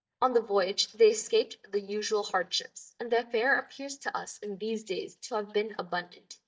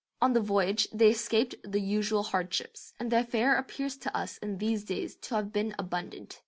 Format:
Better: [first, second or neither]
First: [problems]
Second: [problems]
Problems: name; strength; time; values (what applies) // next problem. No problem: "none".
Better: second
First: noise reduction (neural mask model DeepFilterNet 3)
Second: none